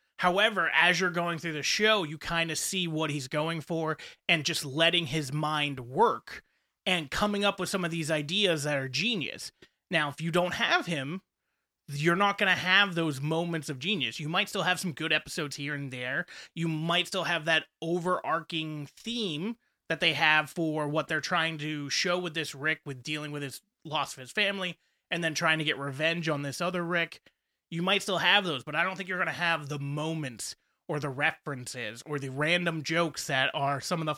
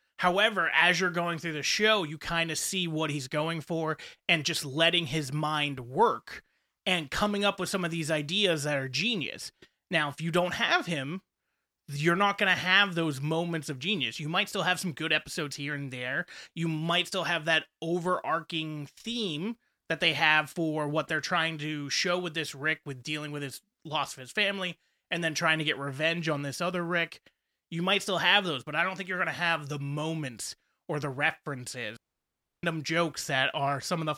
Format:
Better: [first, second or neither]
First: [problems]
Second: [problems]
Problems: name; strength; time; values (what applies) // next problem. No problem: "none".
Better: first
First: none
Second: audio cutting out; at 32 s for 0.5 s